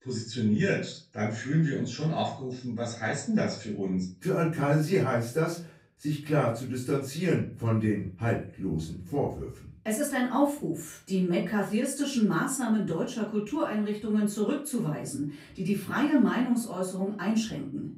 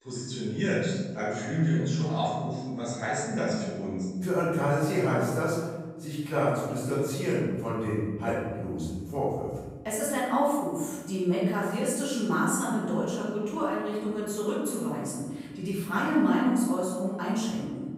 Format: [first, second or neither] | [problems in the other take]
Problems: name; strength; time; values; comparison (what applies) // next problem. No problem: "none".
first | room echo; strong; dies away in 1.2 s; slight in the first // off-mic speech; far; far in the first